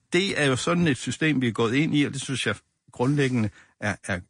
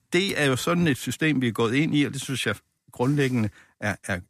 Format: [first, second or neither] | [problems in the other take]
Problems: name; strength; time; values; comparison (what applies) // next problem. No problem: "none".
second | garbled, watery; slightly; nothing above 8.5 kHz